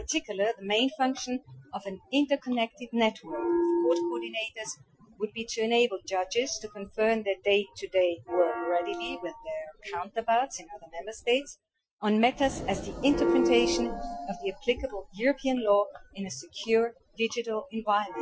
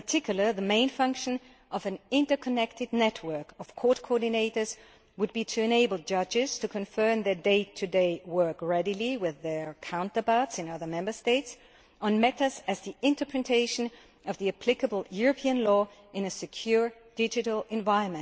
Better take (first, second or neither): second